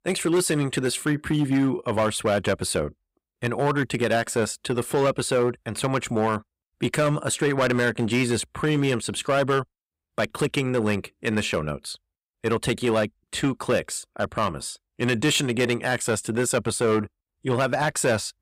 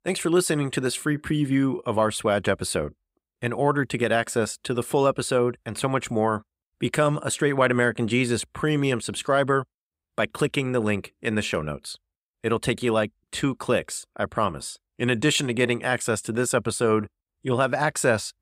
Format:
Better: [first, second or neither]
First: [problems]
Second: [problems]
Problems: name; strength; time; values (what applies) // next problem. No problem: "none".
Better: second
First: distortion; slight; 6% of the sound clipped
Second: none